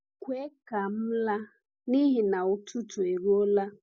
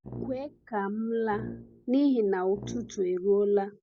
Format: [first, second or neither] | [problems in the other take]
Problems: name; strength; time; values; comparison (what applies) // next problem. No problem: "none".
first | background sound (Brass instrument); 15 dB below the speech